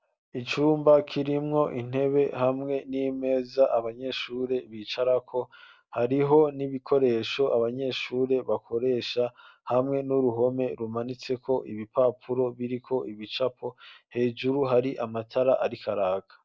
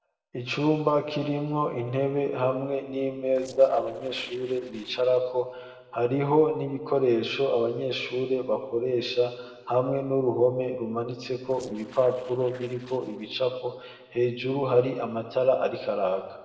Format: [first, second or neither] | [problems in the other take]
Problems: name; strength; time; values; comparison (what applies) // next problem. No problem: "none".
first | noise reduction (neural separator model SepFormer DNS4)